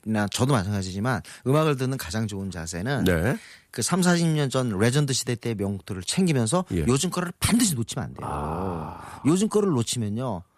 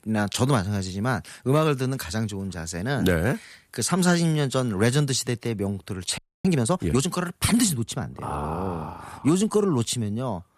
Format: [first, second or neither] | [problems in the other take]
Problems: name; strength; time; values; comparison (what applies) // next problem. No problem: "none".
first | audio freezing; at 6 s